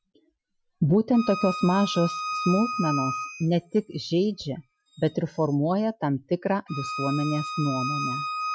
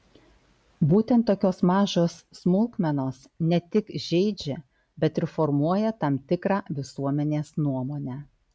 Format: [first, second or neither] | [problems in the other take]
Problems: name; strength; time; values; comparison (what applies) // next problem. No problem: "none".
second | noise reduction (classical method Wiener filter)